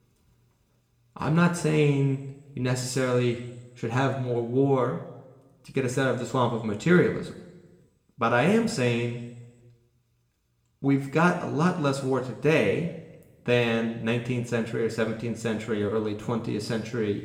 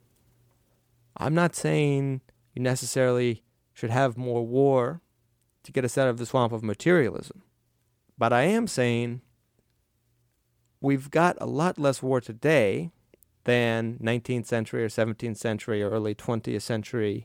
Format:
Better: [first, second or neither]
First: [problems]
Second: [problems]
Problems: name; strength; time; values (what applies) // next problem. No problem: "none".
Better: second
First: room echo; slight; dies away in 0.9 s // off-mic speech; somewhat distant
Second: none